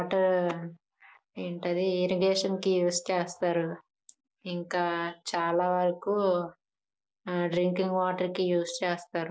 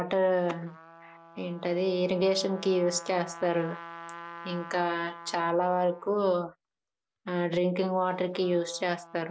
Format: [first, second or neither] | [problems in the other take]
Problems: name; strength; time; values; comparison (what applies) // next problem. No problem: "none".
first | background sound (Trumpet); 18 dB below the speech